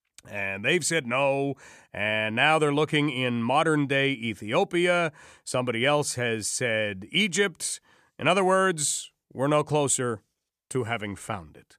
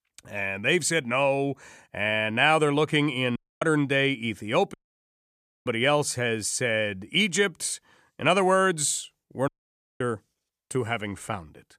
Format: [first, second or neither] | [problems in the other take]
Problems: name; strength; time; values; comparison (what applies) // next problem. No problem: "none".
first | audio cutting out; at 3.5 s, at 4.5 s for 1 s and at 9.5 s for 0.5 s